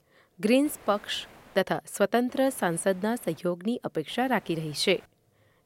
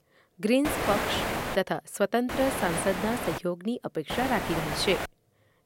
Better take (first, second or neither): first